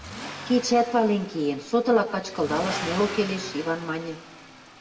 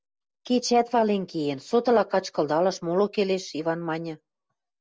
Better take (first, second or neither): second